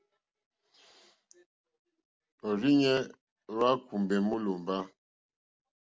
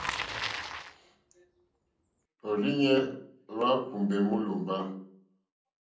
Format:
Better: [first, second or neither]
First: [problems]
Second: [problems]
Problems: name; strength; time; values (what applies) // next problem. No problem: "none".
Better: first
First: none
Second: background sound (Bicycle); 11 dB below the speech // room echo; dies away in 0.6 s